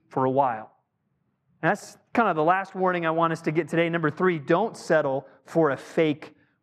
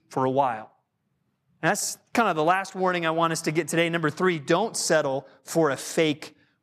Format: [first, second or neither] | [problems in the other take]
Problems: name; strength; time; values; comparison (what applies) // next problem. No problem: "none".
second | muffled; very; fading above 3.5 kHz